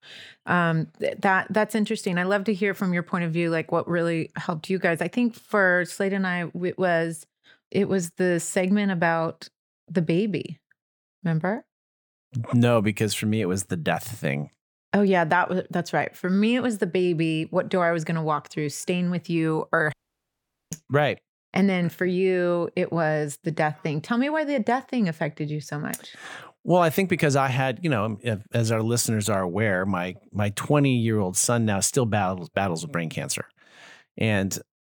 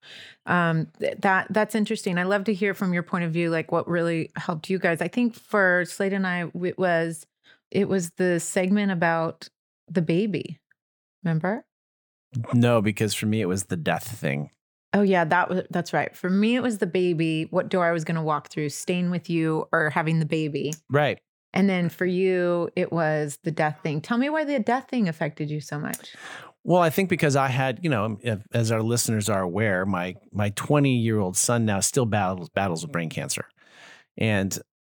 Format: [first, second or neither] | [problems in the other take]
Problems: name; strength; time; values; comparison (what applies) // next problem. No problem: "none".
second | audio cutting out; at 20 s for 1 s